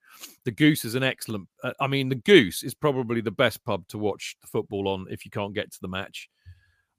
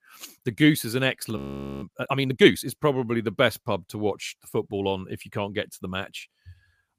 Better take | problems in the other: first | audio freezing; at 1.5 s

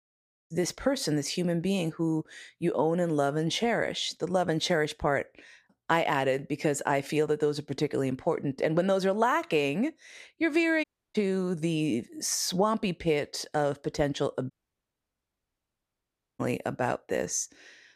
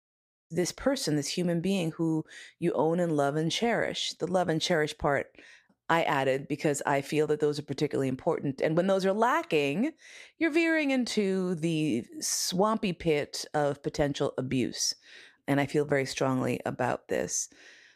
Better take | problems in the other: second | audio cutting out; at 11 s and at 15 s for 2 s

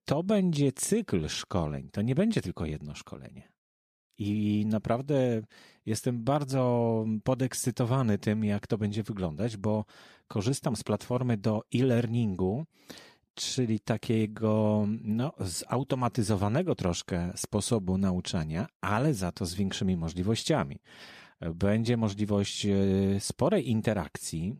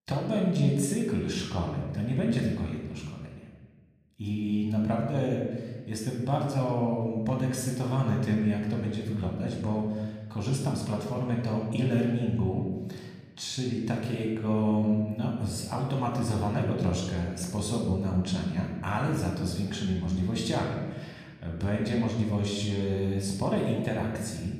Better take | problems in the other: first | room echo; noticeable; dies away in 1.2 s // off-mic speech; somewhat distant

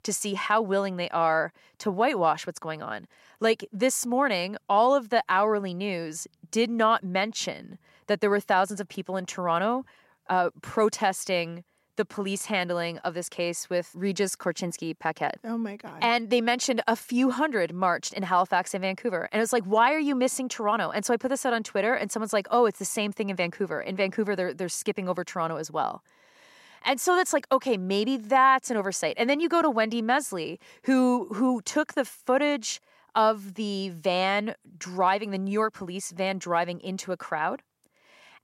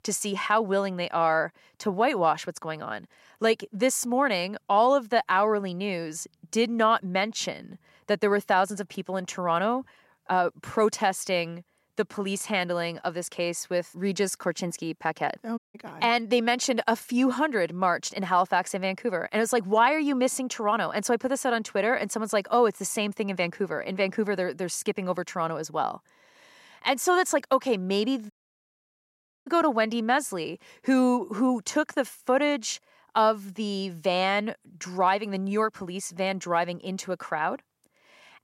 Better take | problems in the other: first | audio cutting out; at 16 s and at 28 s for 1 s

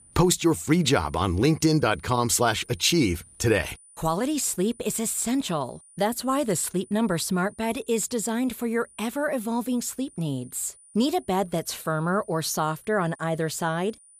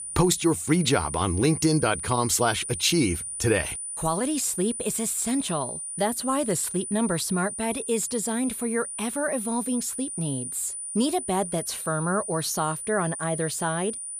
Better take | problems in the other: first | high-pitched whine; loud; throughout; 9.5 kHz, 6 dB below the speech; faint in the first

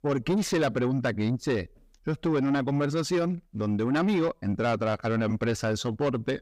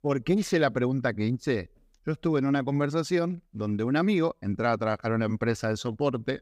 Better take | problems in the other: second | distortion; slight; 10 dB below the speech

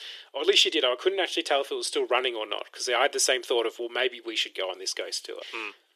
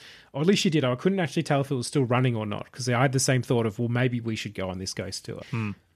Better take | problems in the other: second | thin; very; fading below 350 Hz

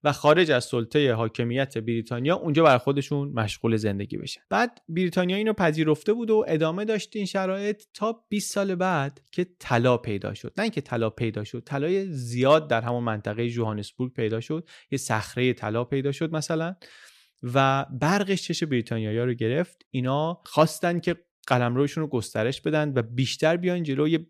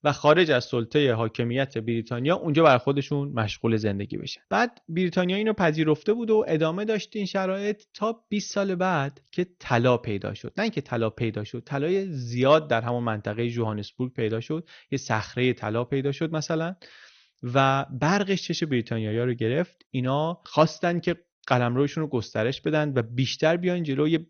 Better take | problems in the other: first | garbled, watery; slightly; nothing above 6.5 kHz

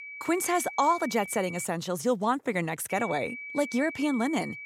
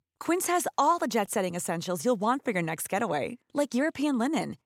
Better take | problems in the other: second | high-pitched whine; noticeable; until 1.5 s and from 3 s on; 2.5 kHz, 10 dB below the speech

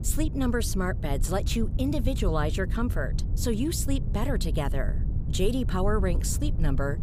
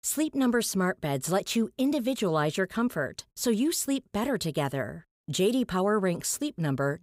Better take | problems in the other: second | low rumble; noticeable; throughout; 15 dB below the speech

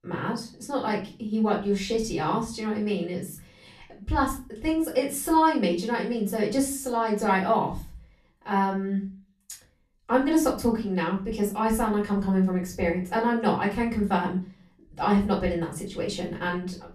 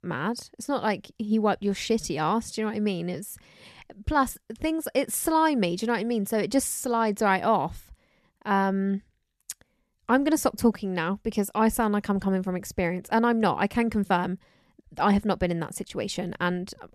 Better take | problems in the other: second | off-mic speech; far // room echo; slight; dies away in 0.3 s

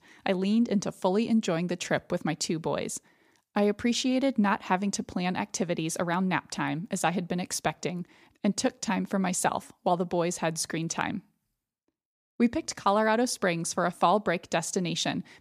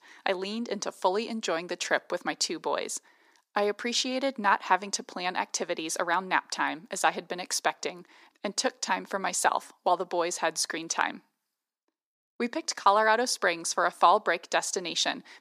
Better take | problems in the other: first | thin; somewhat; fading below 300 Hz

